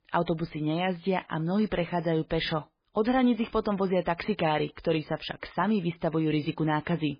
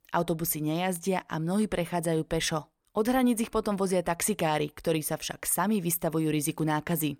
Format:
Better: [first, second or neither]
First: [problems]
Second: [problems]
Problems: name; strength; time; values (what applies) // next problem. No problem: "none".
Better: second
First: garbled, watery; badly; nothing above 5 kHz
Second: none